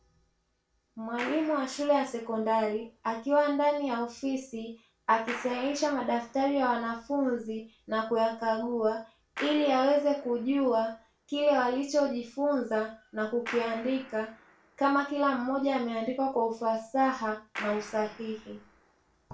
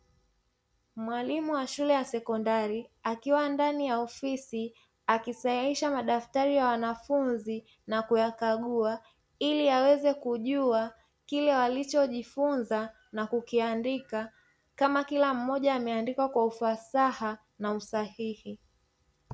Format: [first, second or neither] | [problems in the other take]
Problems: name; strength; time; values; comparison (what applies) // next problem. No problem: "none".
second | background sound (Clapping); 19 dB below the speech // room echo; dies away in 0.3 s